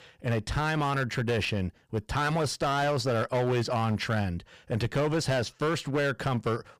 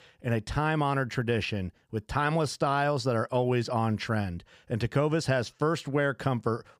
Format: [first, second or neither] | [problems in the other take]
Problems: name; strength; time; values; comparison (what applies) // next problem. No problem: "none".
second | distortion; heavy; 17% of the sound clipped